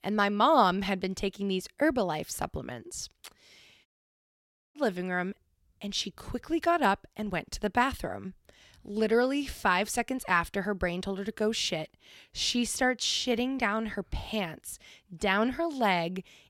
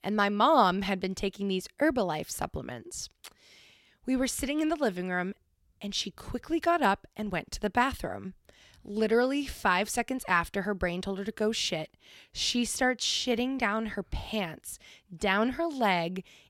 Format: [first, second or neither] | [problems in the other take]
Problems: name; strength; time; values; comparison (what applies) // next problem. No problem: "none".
second | audio cutting out; at 4 s for 1 s